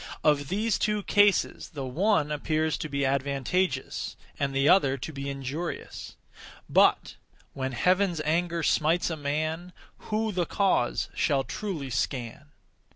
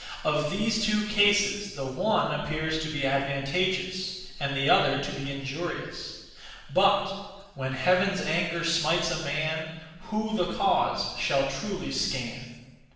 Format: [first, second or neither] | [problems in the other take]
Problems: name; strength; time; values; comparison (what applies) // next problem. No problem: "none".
first | room echo; dies away in 1.1 s